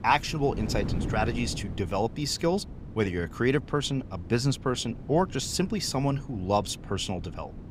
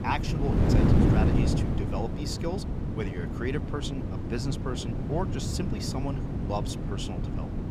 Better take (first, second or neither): first